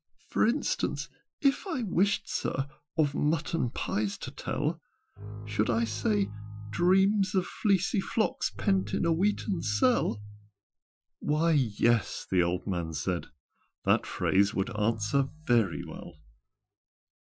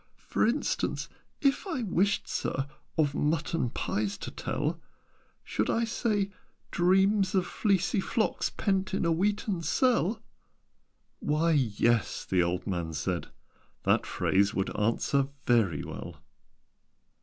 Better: second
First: noise reduction (classical method Wiener filter)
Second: none

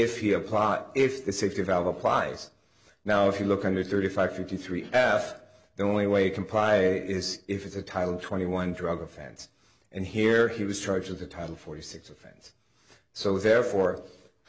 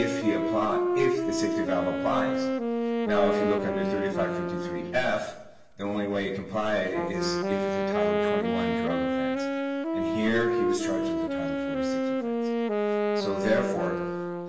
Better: first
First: none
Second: background sound (Wind instrument, woodwind instrument); 3 dB above the speech // room echo; dies away in 0.9 s

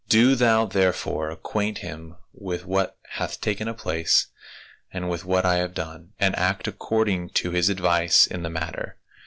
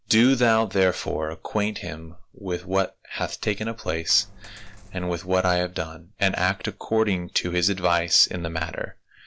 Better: first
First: none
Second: background sound (Coin (dropping)); 17 dB below the speech

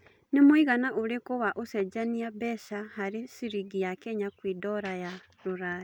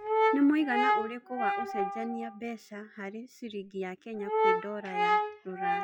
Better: first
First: none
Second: noise reduction (classical method log-MMSE)

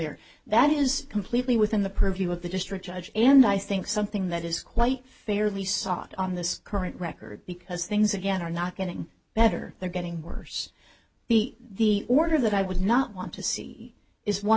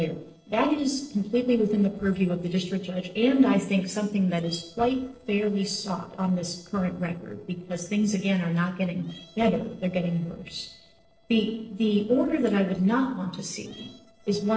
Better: first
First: none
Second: noise reduction (neural separator model SepFormer DNS4)

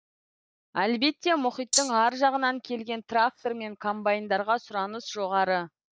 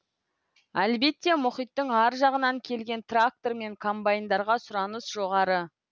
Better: second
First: noise reduction (neural mask model DeepFilterNet 3)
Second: none

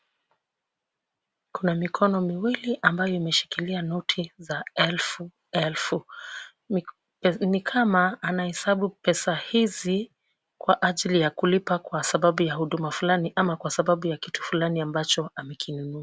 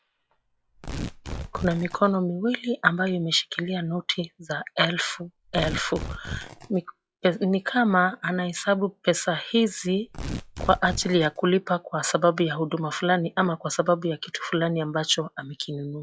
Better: first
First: none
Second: noise reduction (classical method log-MMSE)

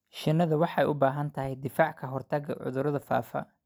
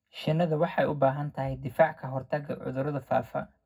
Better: first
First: none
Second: room echo; dies away in 0.3 s

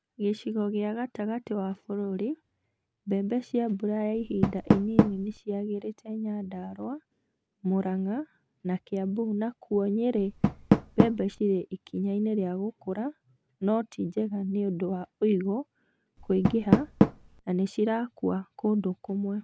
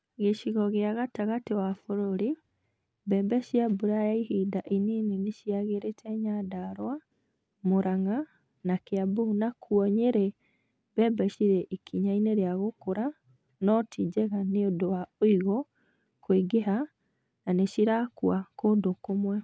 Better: second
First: background sound (Door); 3 dB below the speech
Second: none

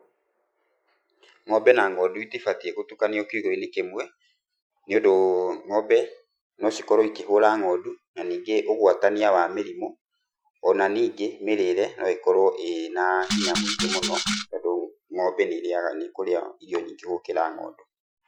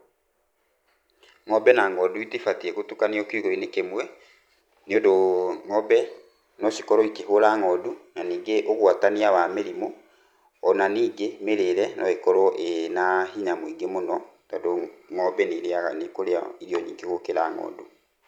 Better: second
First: noise reduction (classical method Wiener filter)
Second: none

